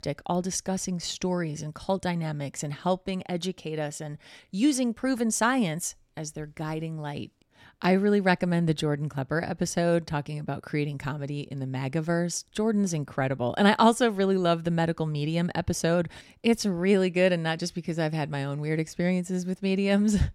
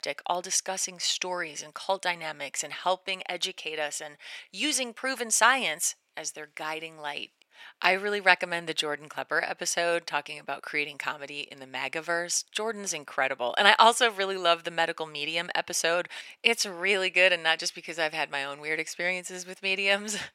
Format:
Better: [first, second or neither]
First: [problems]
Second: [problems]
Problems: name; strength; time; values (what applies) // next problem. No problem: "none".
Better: first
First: none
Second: thin; very; fading below 700 Hz